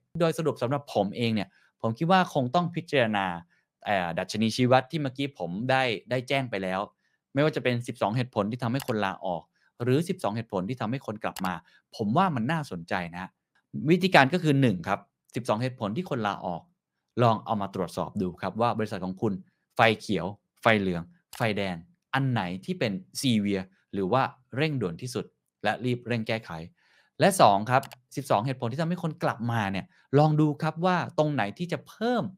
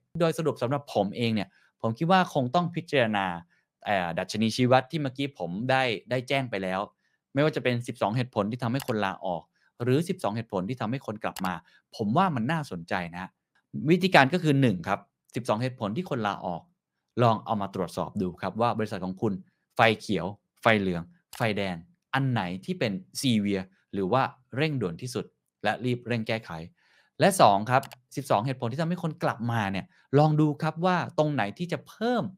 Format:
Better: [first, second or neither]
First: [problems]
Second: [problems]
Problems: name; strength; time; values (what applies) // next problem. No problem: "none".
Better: neither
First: none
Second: none